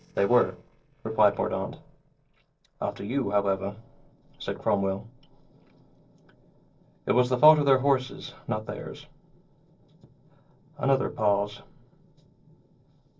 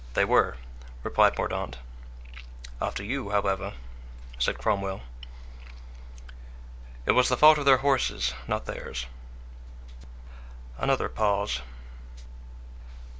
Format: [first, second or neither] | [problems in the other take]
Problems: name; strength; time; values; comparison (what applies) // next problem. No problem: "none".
second | noise reduction (neural separator model SepFormer DNS4)